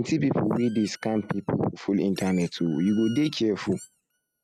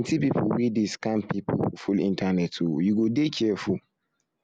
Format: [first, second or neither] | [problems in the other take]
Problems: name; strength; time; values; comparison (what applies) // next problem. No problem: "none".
second | noise reduction (neural mask model RNNoise)